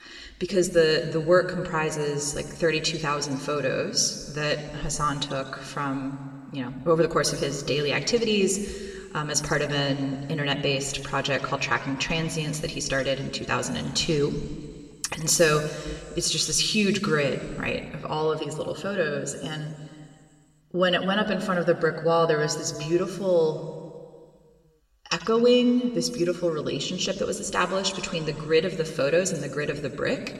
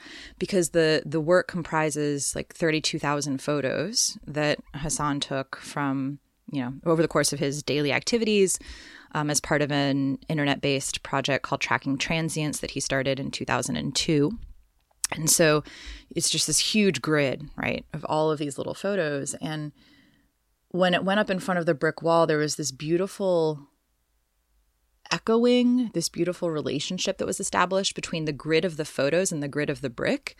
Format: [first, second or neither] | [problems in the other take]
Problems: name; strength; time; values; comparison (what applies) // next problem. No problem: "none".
second | room echo; slight; dies away in 2 s